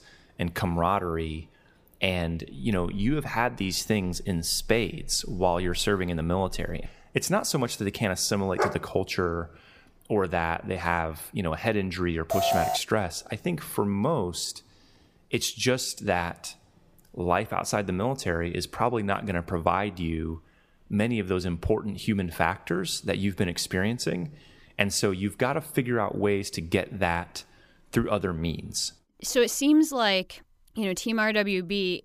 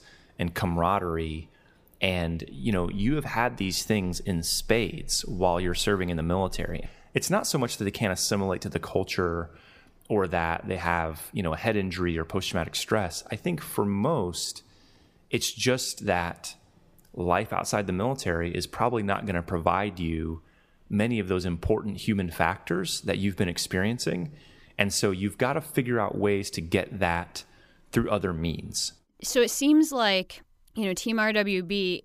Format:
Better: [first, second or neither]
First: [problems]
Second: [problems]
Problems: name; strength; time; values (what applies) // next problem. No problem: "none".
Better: second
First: dog barking; noticeable; at 8.5 s; peak 2 dB below the speech // alarm; loud; at 12 s; peak 2 dB above the speech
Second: none